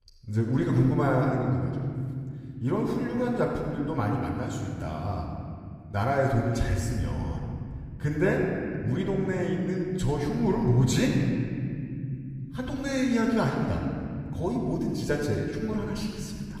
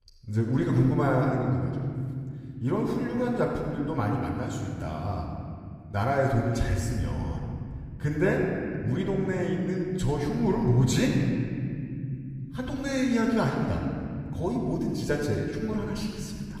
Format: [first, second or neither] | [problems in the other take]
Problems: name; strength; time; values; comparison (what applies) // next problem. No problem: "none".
neither | room echo; noticeable; dies away in 3 s; the same in both // off-mic speech; somewhat distant; the same in both